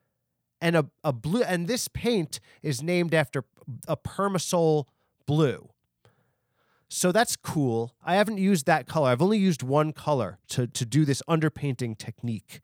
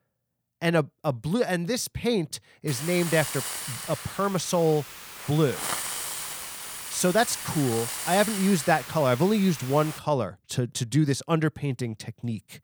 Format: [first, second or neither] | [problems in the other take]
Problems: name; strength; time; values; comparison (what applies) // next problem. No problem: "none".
first | hiss; loud; from 2.5 to 10 s; 7 dB below the speech